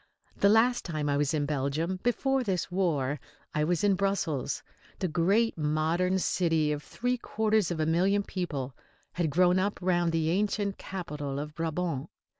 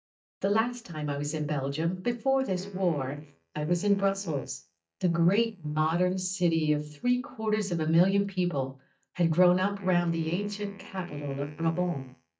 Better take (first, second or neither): first